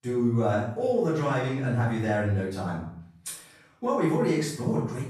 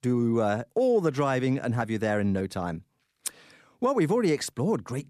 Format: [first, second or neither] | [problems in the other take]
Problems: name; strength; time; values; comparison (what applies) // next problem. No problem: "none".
second | off-mic speech; far // room echo; noticeable; dies away in 0.6 s